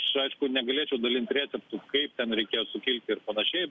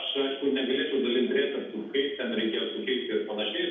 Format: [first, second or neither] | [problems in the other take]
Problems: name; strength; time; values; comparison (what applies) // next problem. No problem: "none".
first | room echo; dies away in 0.8 s